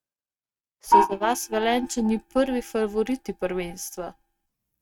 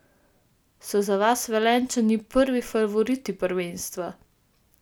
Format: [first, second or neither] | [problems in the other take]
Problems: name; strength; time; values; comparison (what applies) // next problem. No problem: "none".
second | noise reduction (neural mask model RNNoise)